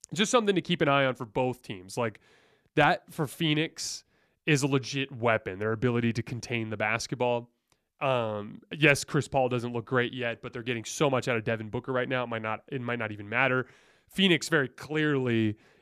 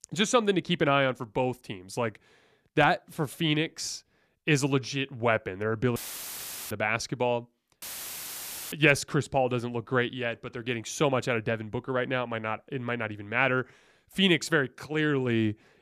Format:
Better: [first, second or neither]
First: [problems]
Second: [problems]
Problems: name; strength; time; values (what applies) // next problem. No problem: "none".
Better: first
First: none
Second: audio cutting out; filled with static; at 6 s for 1 s and at 8 s for 1 s